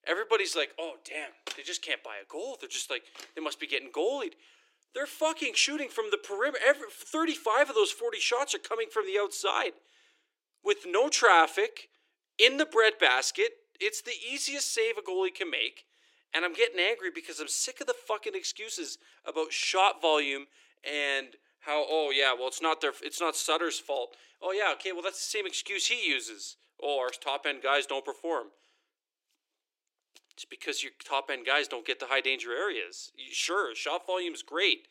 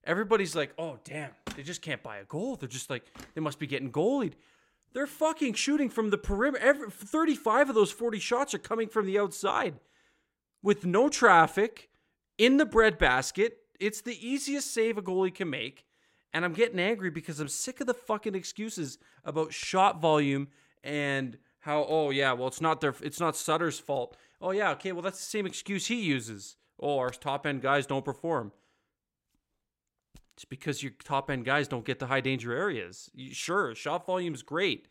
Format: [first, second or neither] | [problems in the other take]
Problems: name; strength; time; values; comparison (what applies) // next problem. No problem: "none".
second | thin; very; fading below 350 Hz